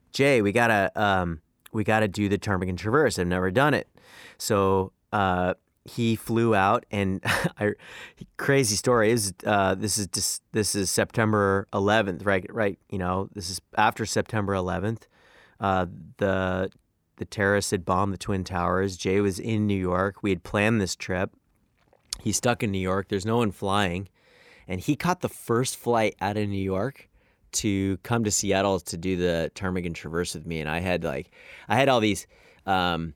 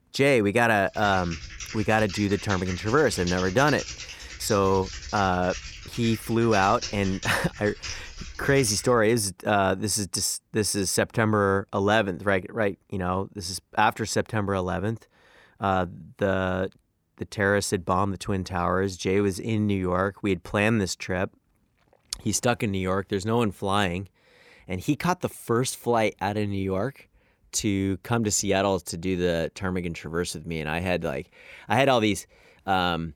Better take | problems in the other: first | keyboard typing; noticeable; from 1 to 9 s; peak 8 dB below the speech

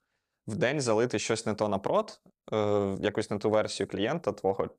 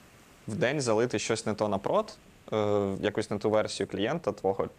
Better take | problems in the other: first | hiss; faint; throughout; 25 dB below the speech

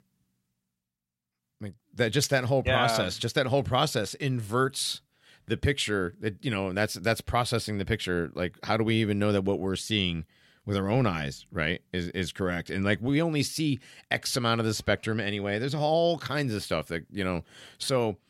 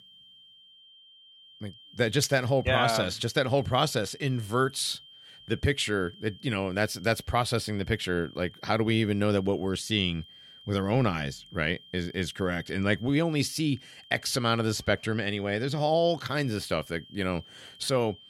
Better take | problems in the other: first | high-pitched whine; faint; throughout; 3 kHz, 20 dB below the speech

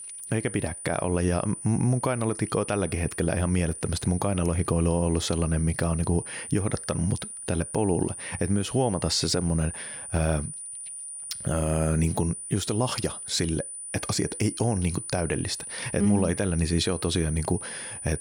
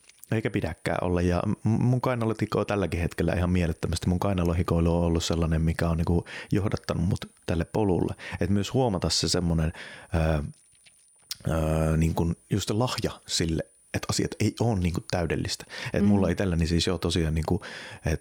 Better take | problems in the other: second | high-pitched whine; loud; throughout; 9.5 kHz, 8 dB below the speech; faint in the second

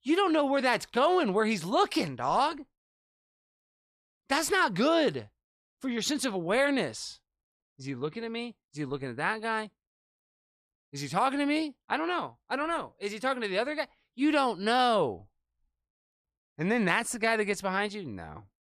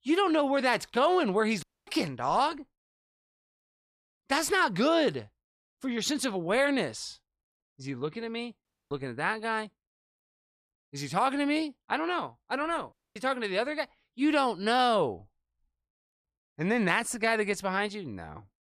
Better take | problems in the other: first | audio cutting out; at 1.5 s, at 8.5 s and at 13 s

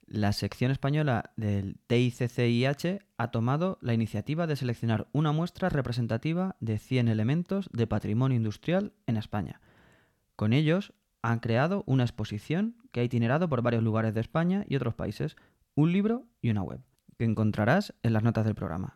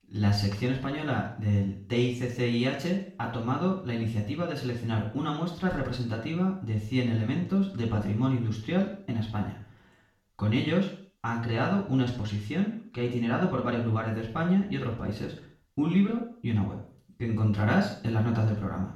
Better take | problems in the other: first | room echo; noticeable; dies away in 0.5 s // off-mic speech; far

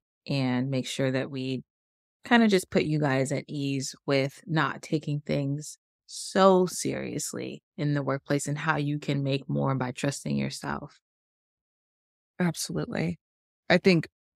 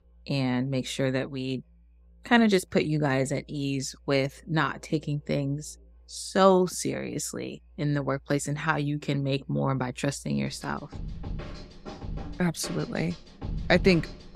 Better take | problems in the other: first | background music; noticeable; throughout; 15 dB below the speech

